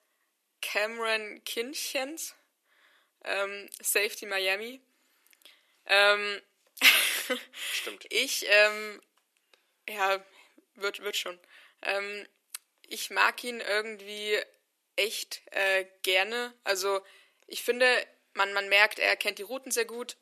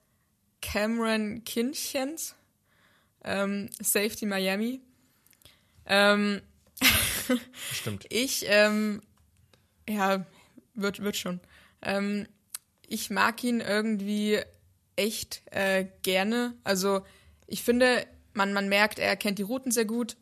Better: second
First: thin; very; fading below 300 Hz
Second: none

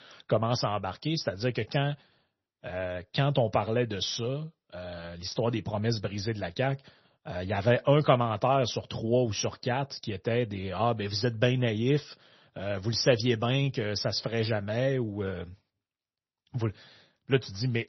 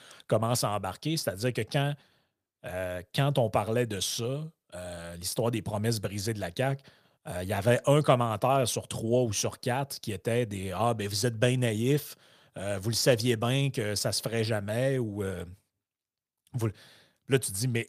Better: second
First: garbled, watery; slightly; nothing above 6 kHz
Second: none

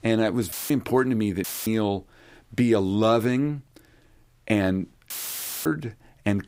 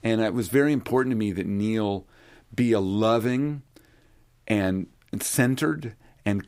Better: second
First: audio cutting out; filled with static; at 0.5 s, at 1.5 s and at 5 s for 0.5 s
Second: none

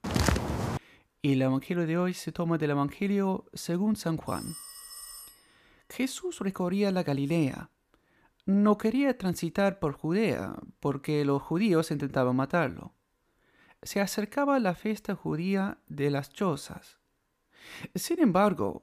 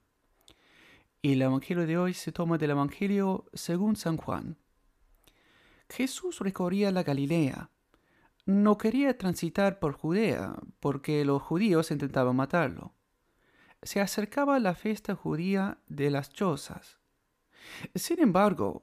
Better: second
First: footsteps; loud; at the start; peak 2 dB above the speech // phone ringing; faint; from 4.5 to 5.5 s; peak 10 dB below the speech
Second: none

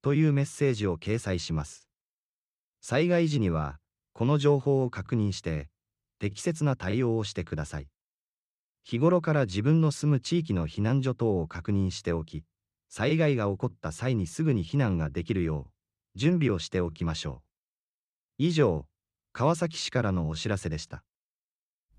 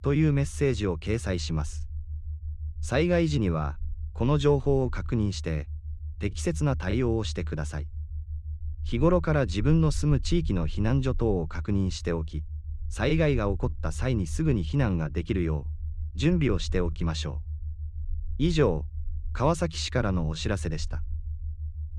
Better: first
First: none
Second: low rumble; faint; throughout; 25 dB below the speech

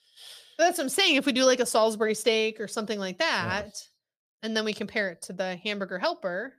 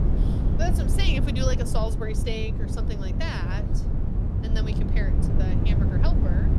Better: first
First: none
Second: wind noise on the microphone; heavy; 3 dB below the speech

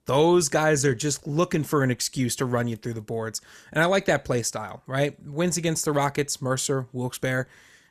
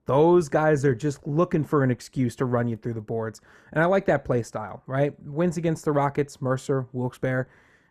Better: first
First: none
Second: muffled; very; fading above 2.5 kHz

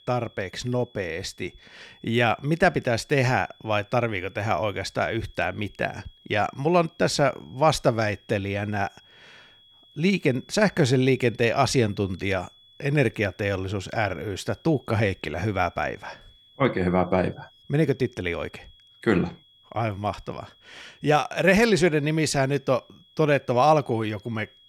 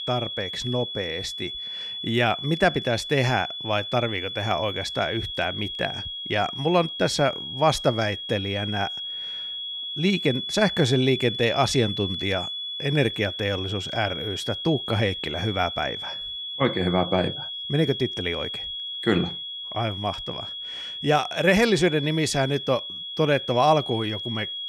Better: first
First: high-pitched whine; faint; throughout; 3.5 kHz, 30 dB below the speech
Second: high-pitched whine; loud; throughout; 3.5 kHz, 6 dB below the speech

